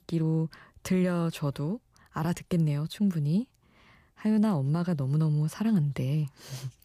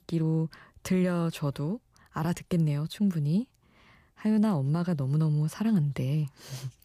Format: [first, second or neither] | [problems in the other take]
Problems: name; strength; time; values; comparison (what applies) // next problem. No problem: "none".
neither | none